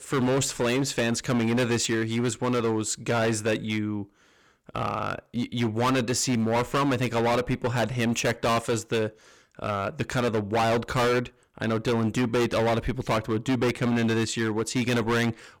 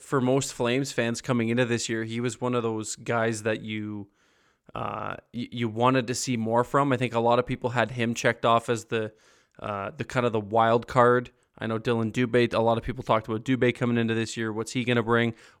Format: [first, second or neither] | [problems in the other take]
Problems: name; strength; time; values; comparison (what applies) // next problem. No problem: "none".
second | distortion; heavy; 18% of the sound clipped